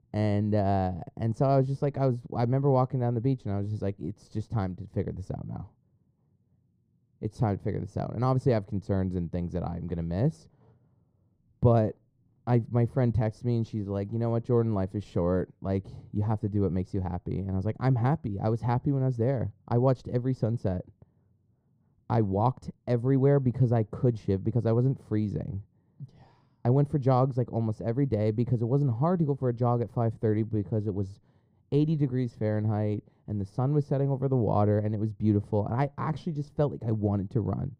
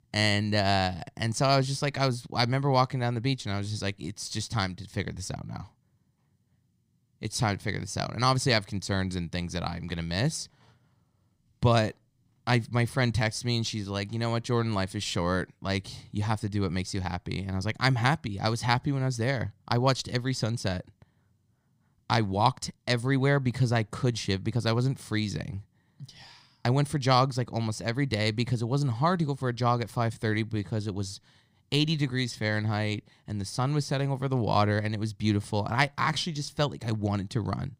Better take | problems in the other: second | muffled; very; fading above 1.5 kHz

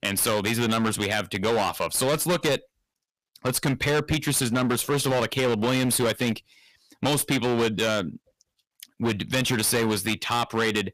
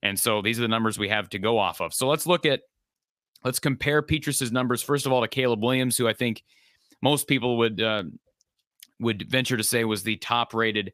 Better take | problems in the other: second | distortion; heavy; 17% of the sound clipped

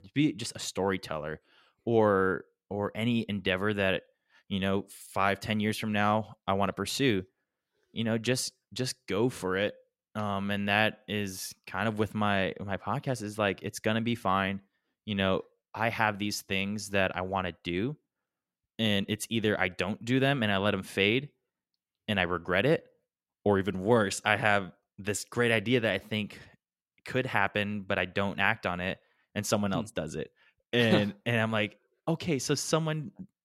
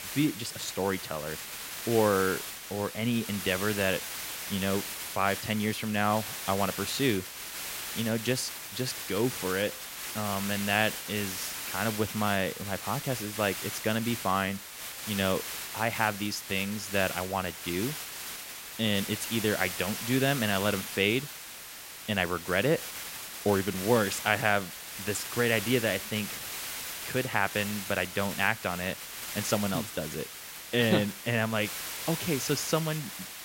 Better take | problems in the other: first | hiss; loud; throughout; 6 dB below the speech

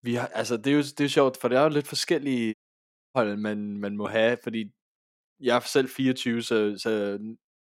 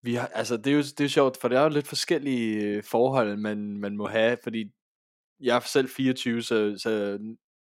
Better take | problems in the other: second | audio cutting out; at 2.5 s for 0.5 s

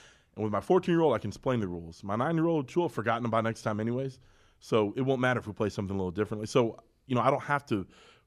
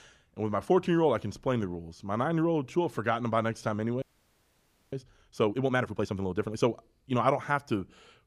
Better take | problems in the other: first | audio freezing; at 4 s for 1 s

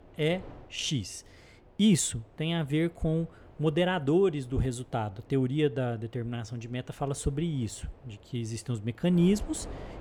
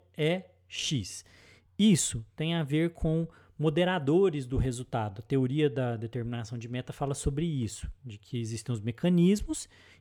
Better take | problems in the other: second | wind noise on the microphone; occasional gusts; 20 dB below the speech

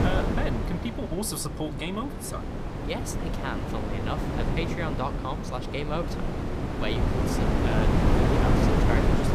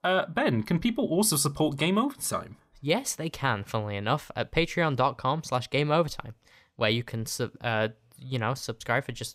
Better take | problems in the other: second | wind noise on the microphone; heavy; 2 dB above the speech

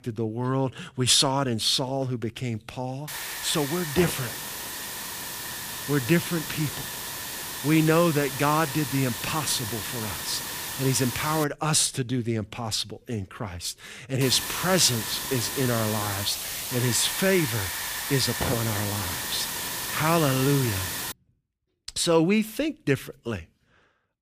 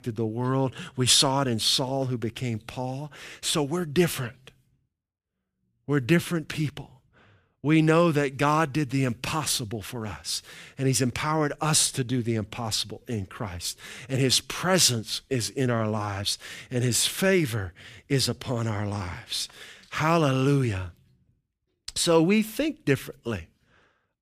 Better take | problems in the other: second | hiss; loud; from 3 to 11 s and from 14 to 21 s; 5 dB below the speech

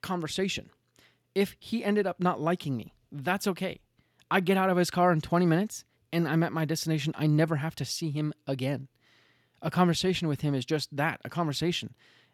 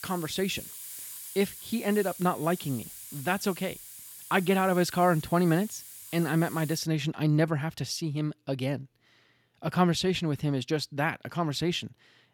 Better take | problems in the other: first | hiss; noticeable; until 7 s; 15 dB below the speech

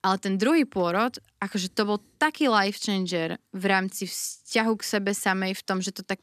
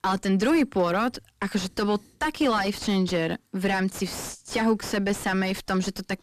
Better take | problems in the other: first | distortion; heavy; 6 dB below the speech

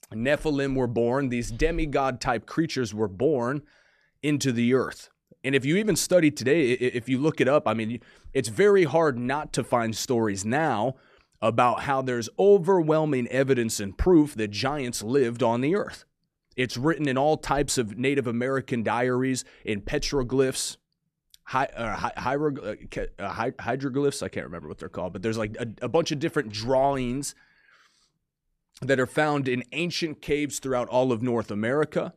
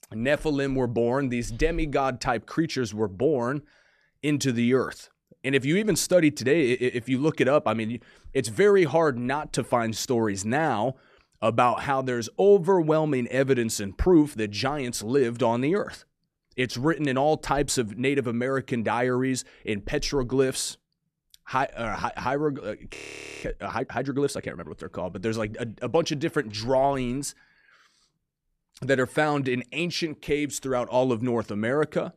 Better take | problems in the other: first | audio freezing; at 23 s

